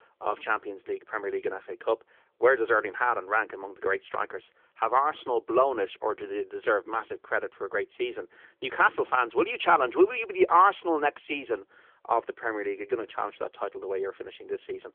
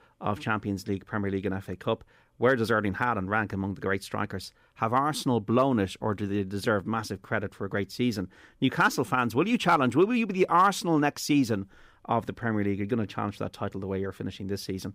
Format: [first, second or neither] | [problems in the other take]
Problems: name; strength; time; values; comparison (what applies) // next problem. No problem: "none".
second | phone-call audio; nothing above 3.5 kHz